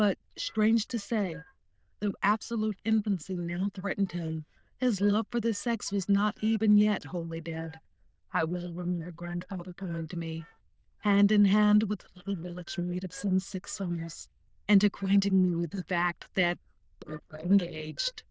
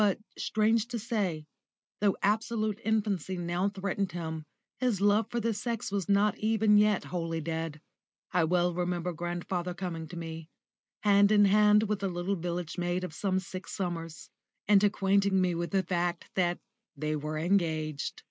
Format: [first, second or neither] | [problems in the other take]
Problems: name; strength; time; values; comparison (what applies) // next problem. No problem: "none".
second | noise reduction (neural diffusion model UNIVERSE++)